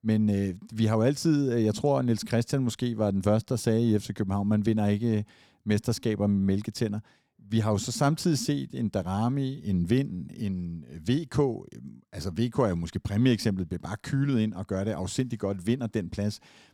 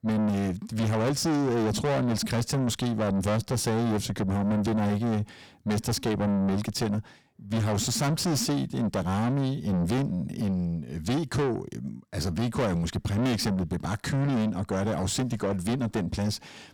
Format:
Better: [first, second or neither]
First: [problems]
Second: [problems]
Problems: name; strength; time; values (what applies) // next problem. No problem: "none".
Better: first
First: none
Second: distortion; heavy; 5 dB below the speech